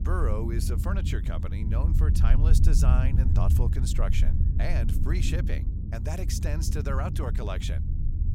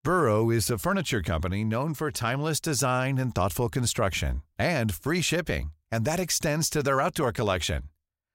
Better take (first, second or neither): second